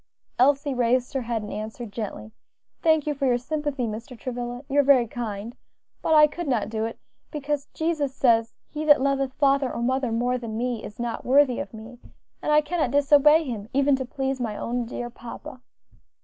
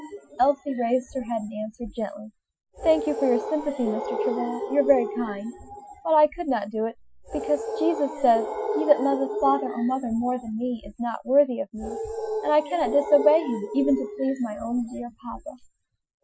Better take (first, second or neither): first